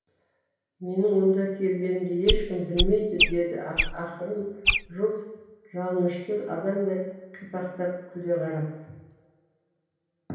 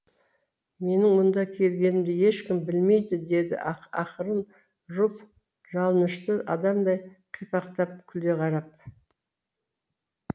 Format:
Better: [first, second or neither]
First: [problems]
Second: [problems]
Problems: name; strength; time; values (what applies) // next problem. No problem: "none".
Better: second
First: background sound (Chirp, tweet); 1 dB above the speech // room echo; dies away in 0.9 s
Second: none